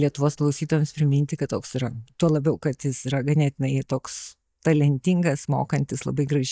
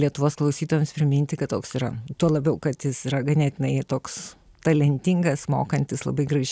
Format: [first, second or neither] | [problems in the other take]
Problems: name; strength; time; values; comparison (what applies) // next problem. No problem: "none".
second | noise reduction (neural mask model DeepFilterNet 3)